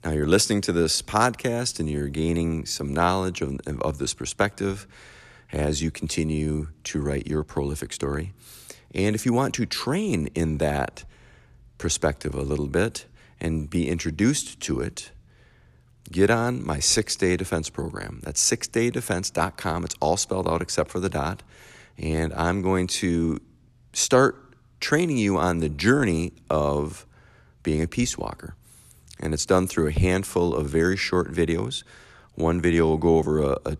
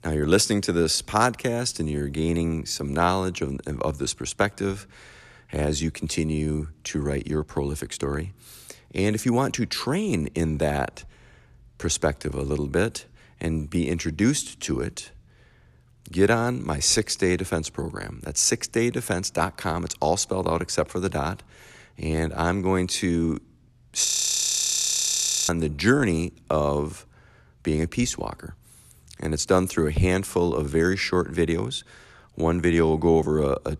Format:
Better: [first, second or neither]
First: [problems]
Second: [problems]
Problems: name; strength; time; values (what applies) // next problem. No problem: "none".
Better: first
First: none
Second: audio freezing; at 24 s for 1.5 s